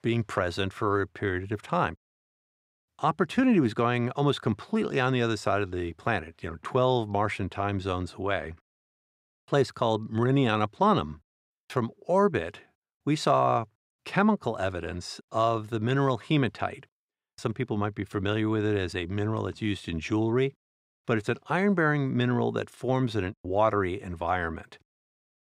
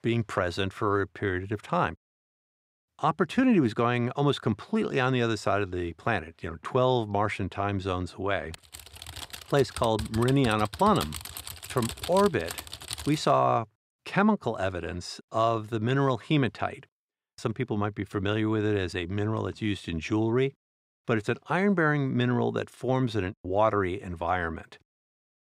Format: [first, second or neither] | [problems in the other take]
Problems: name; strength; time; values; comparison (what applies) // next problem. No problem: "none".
first | keyboard typing; noticeable; from 8.5 to 13 s; peak 8 dB below the speech